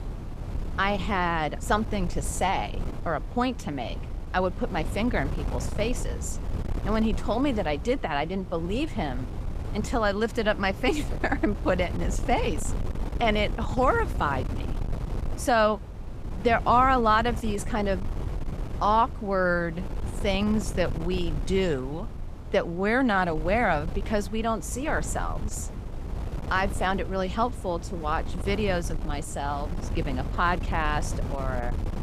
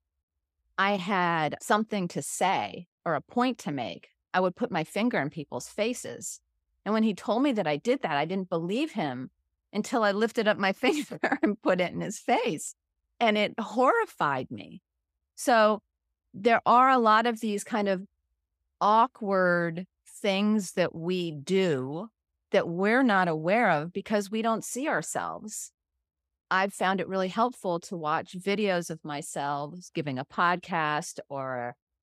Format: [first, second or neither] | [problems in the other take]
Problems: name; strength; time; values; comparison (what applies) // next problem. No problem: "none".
second | wind noise on the microphone; occasional gusts; 15 dB below the speech